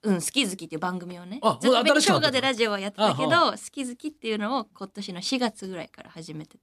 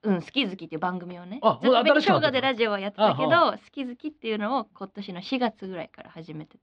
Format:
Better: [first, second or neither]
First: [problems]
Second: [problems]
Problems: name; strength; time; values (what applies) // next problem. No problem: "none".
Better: first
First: none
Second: muffled; slightly; fading above 3.5 kHz